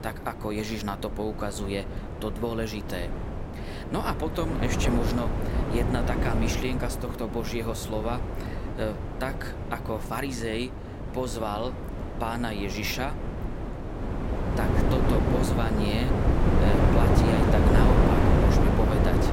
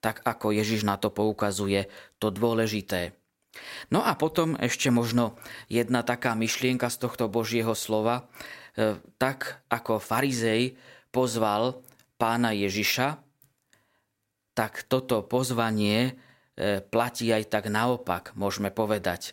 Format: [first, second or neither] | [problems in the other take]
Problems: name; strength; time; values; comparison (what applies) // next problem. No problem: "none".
second | wind noise on the microphone; heavy; 1 dB above the speech